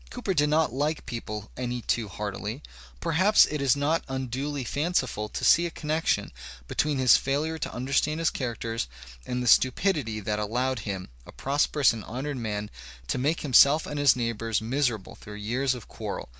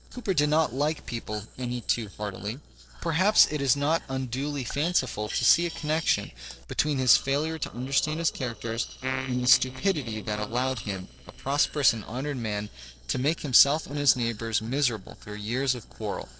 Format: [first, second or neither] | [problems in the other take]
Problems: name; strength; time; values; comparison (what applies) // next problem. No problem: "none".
first | noise reduction (neural separator model SepFormer DNS4)